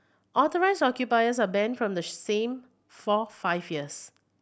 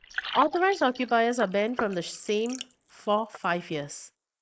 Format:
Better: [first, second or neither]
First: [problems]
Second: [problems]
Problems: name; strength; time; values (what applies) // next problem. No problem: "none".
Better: first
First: none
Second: noise reduction (neural mask model Resemble Enhance denoiser)